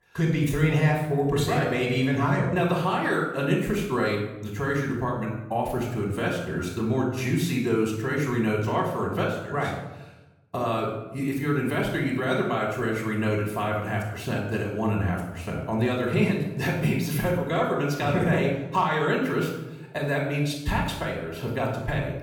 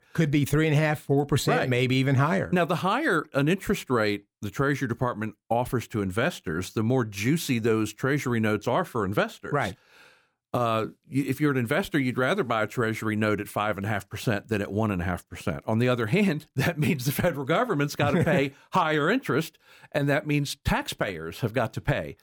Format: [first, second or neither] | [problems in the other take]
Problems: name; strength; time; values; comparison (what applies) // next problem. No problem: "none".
second | off-mic speech; far // room echo; noticeable; dies away in 0.8 s